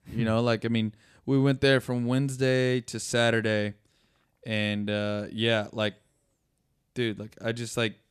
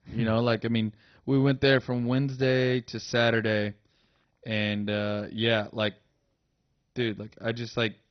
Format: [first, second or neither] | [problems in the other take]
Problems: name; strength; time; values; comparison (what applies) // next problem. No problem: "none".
first | garbled, watery; badly; nothing above 6 kHz